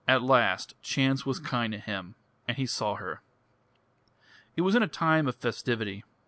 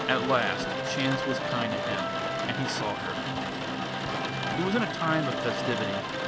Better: first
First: none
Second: background sound (Rain + Wind instrument, woodwind instrument); 1 dB above the speech

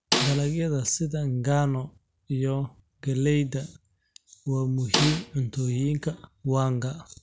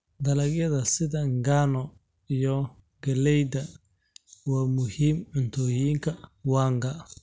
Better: second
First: background sound (Snare drum); 3 dB below the speech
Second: none

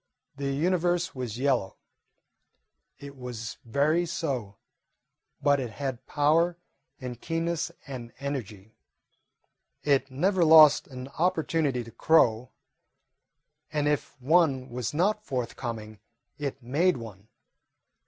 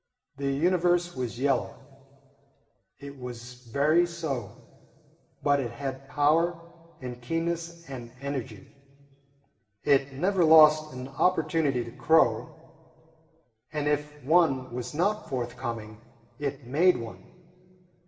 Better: first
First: none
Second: room echo; dies away in 1.6 s

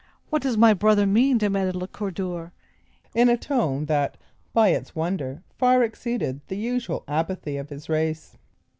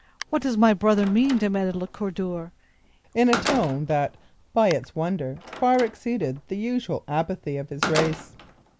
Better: first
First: none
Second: background sound (Slam); 11 dB below the speech

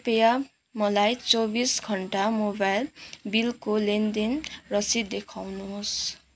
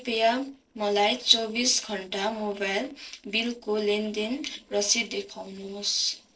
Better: first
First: none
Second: noise reduction (neural separator model SepFormer DNS4)

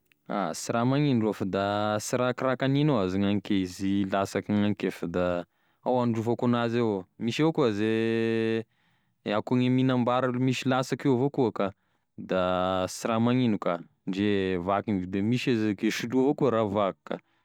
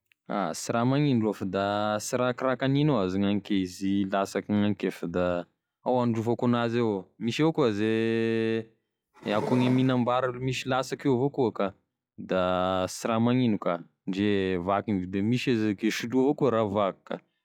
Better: first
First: none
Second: noise reduction (classical method log-MMSE)

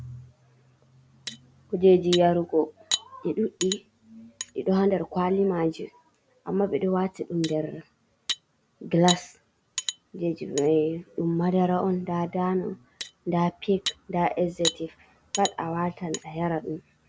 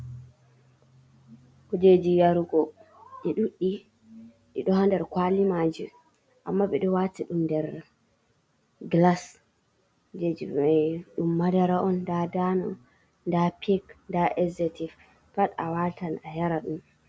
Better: second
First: background sound (Cutlery, silverware); 10 dB below the speech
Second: none

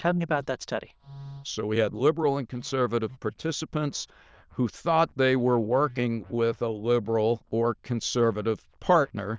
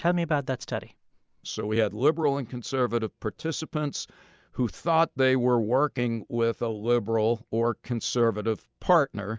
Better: second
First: noise reduction (neural diffusion model UNIVERSE++)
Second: none

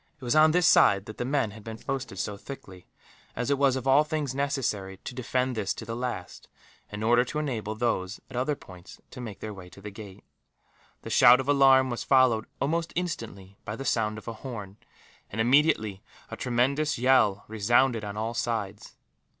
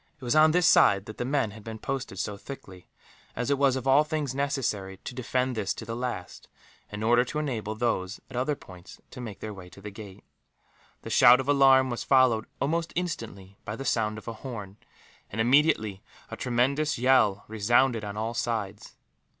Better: second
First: noise reduction (neural separator model SepFormer DNS4)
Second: none

